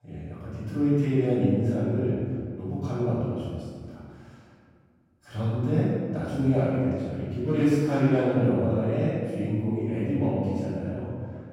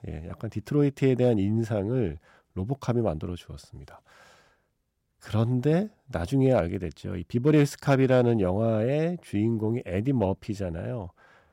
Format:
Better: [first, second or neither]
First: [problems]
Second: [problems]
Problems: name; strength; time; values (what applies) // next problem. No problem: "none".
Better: second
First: off-mic speech; far // room echo; strong; dies away in 1.8 s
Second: none